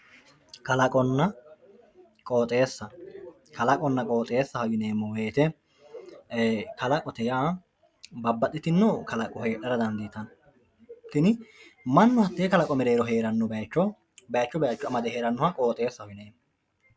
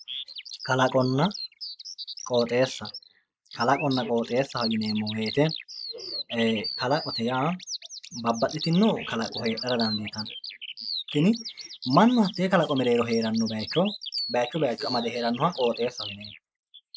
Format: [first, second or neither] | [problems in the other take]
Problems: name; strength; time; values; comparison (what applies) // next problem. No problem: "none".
first | noise reduction (neural mask model Resemble Enhance denoiser)